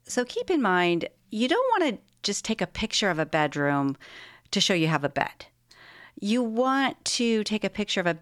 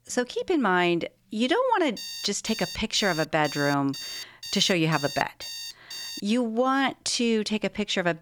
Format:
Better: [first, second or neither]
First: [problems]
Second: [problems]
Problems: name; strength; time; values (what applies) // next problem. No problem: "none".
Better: first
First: none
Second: alarm; noticeable; from 2 to 6 s; peak 9 dB below the speech